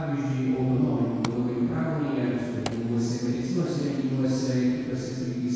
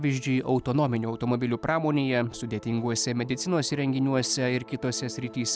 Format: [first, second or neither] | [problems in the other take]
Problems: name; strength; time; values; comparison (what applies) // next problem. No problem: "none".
second | background sound (Fire); 20 dB below the speech // room echo; dies away in 2 s